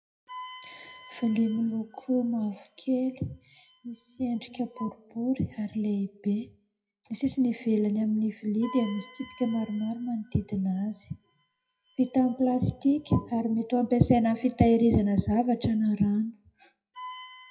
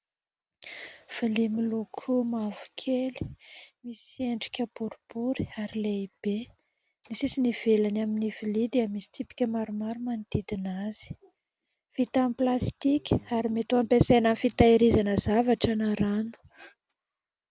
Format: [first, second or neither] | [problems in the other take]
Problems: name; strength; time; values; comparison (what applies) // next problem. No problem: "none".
second | noise reduction (classical method WPE with log-MMSE)